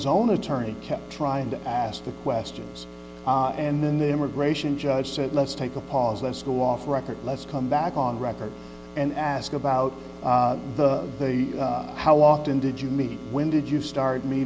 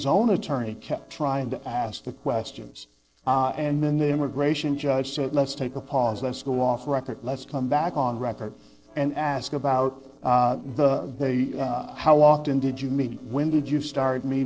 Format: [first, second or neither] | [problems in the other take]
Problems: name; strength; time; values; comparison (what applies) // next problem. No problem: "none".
first | noise reduction (neural separator model SepFormer DNS4)